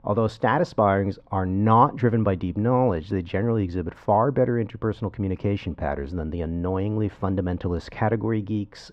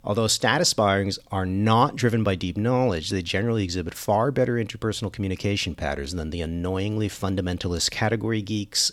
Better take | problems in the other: second | muffled; very; fading above 3.5 kHz

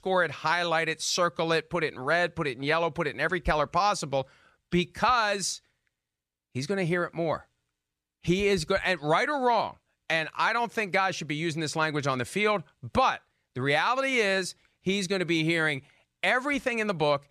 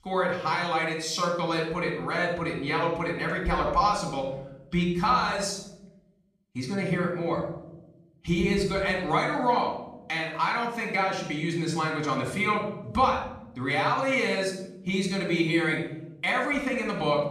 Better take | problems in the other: first | off-mic speech; far // room echo; noticeable; dies away in 0.9 s

